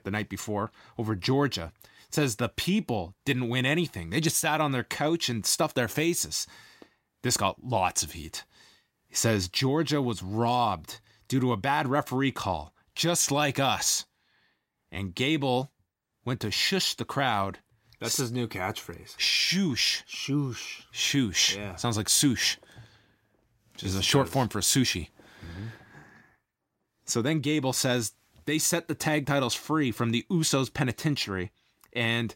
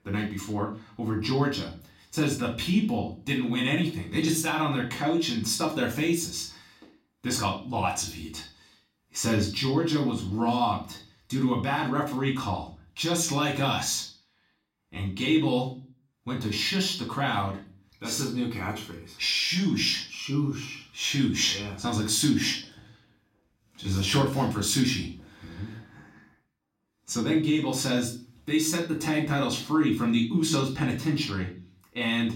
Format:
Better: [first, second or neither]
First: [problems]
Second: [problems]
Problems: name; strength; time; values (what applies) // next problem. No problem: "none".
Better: first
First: none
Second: off-mic speech; far // room echo; slight; dies away in 0.4 s